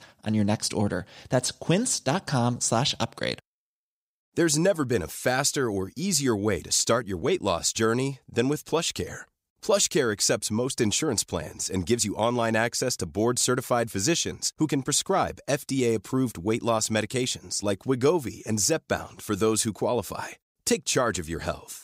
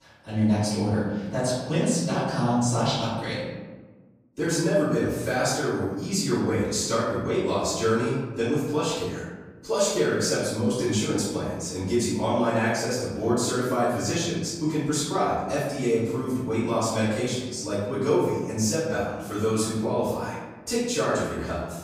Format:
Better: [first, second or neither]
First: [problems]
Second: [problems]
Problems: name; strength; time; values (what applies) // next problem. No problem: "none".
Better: first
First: none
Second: off-mic speech; far // room echo; strong; dies away in 1.3 s